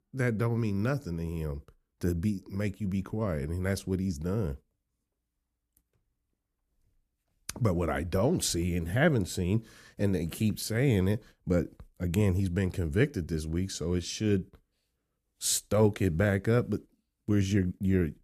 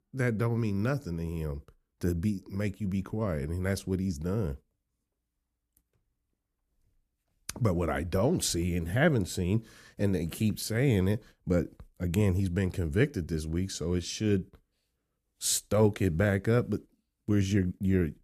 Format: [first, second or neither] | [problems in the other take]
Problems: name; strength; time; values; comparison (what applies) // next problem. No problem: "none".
neither | none